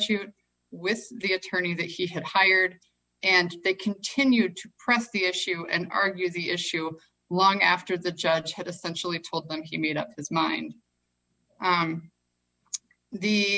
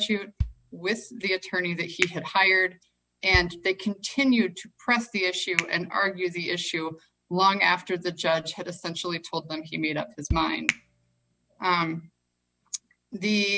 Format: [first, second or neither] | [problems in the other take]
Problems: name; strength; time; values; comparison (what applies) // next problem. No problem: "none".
first | background sound (Bass drum + Finger snapping); 9 dB below the speech